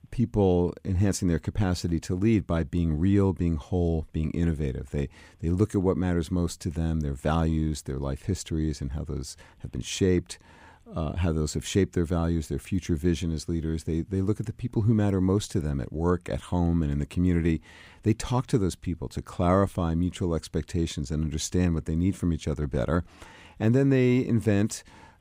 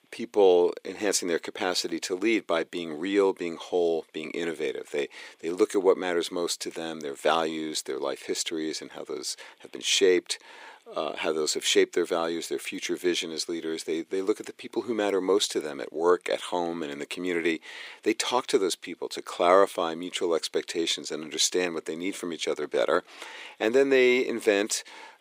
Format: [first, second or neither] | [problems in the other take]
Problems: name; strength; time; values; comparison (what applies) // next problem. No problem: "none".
first | thin; very; fading below 400 Hz